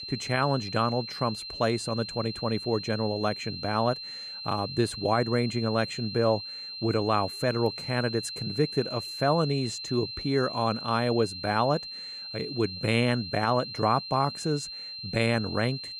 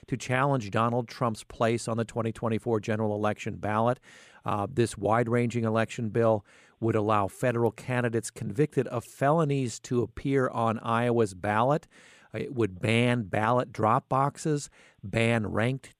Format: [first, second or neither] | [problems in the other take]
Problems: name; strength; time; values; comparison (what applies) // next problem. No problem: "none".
second | high-pitched whine; loud; throughout; 4 kHz, 8 dB below the speech